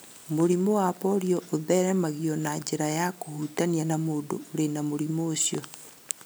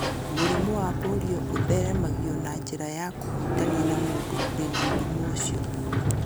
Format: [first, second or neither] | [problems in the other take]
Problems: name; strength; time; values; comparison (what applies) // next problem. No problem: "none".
first | background sound (Sliding door); 4 dB above the speech